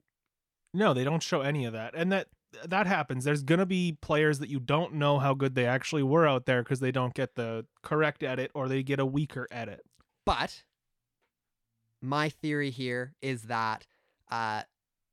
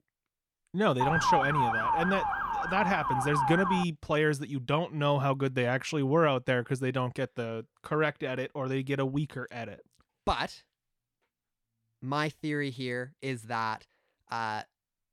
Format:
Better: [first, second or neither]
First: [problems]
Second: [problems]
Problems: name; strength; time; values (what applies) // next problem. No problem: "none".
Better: first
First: none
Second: siren; loud; from 1 to 4 s; peak 5 dB above the speech